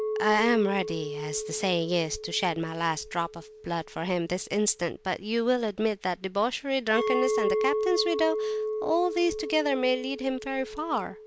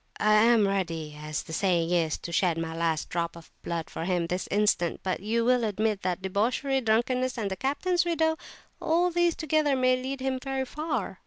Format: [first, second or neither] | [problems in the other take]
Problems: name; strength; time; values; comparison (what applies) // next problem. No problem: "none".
second | background sound (Chink, clink); 5 dB below the speech